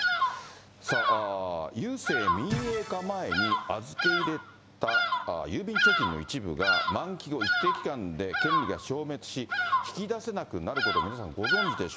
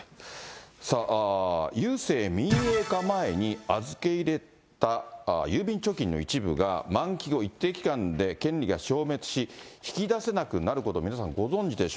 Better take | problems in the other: second | background sound (Bird vocalization, bird call, bird song); 3 dB above the speech

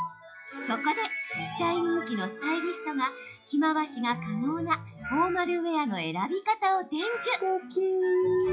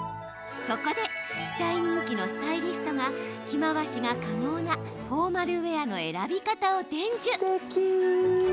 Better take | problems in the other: second | noise reduction (classical method WPE with log-MMSE)

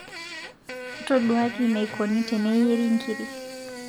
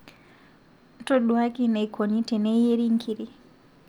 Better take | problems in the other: second | background sound (Fart); 11 dB below the speech

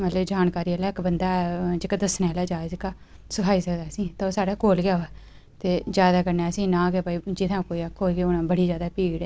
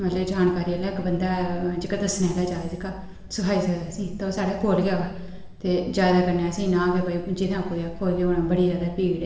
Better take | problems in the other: first | room echo; dies away in 1.3 s

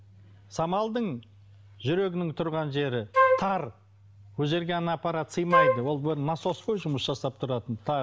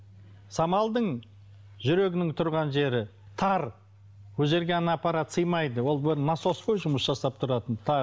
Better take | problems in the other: second | background sound (Wind instrument, woodwind instrument); 5 dB above the speech

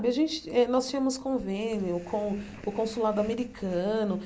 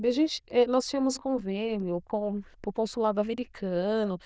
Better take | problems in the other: first | noise reduction (neural diffusion model UNIVERSE++)

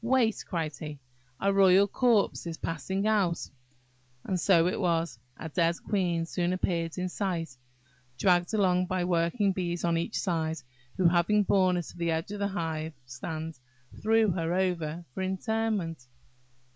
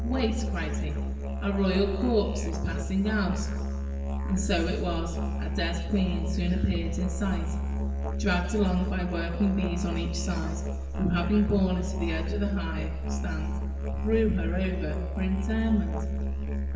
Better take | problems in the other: first | background sound (Musical instrument); as loud as the speech // room echo; dies away in 1.3 s

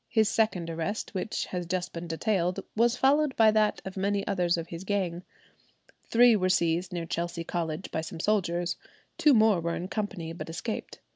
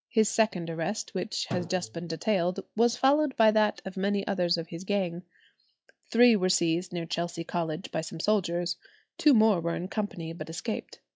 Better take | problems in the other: first | noise reduction (classical method log-MMSE)

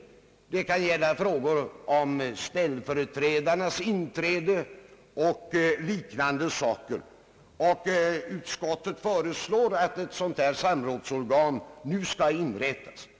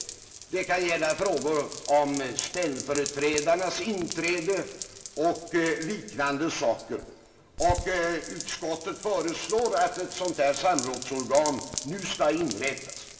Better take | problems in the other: first | background sound (Rain); 11 dB below the speech // room echo; dies away in 0.7 s

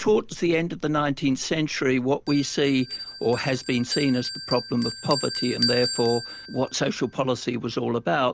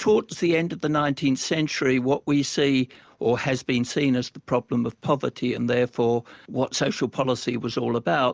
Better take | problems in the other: second | background sound (Bell); 10 dB below the speech

